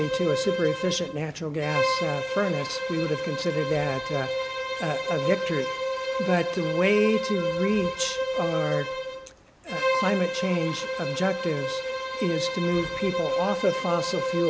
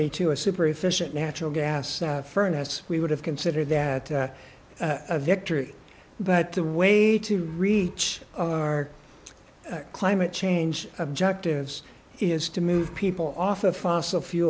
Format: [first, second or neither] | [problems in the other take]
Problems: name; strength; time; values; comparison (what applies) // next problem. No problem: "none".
second | background sound (Bowed string instrument); 1 dB below the speech